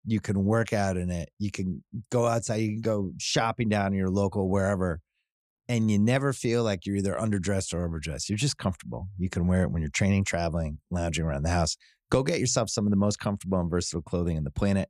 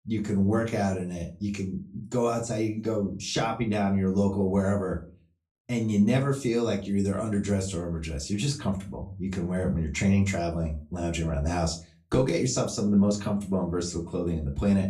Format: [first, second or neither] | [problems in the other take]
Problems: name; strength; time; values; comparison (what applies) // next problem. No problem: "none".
first | off-mic speech; far // room echo; very slight; dies away in 0.3 s